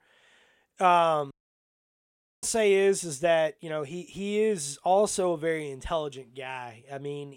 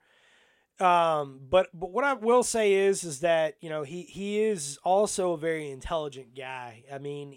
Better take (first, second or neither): second